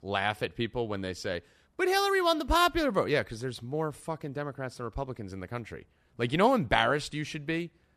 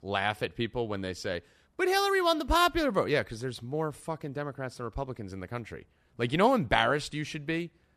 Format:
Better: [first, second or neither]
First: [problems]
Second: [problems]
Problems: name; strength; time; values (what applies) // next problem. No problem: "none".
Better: neither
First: none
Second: none